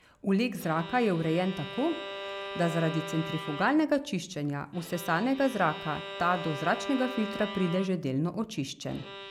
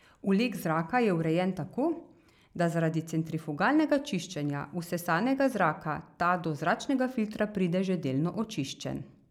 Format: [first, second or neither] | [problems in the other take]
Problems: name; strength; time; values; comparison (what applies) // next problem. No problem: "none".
second | background sound (Bowed string instrument); 11 dB below the speech